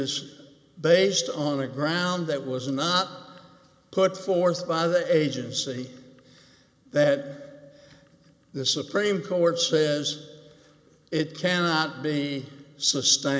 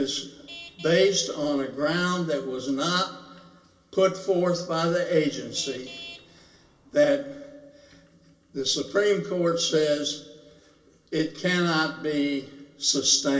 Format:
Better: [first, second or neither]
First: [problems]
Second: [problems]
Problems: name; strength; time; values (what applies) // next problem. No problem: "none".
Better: first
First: none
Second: background sound (Traffic noise, roadway noise / Vehicle horn, car horn, honking); 20 dB below the speech // room echo; dies away in 0.3 s